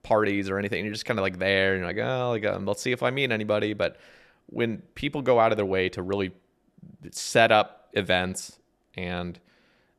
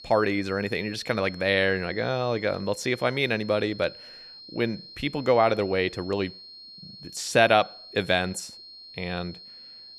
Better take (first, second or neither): first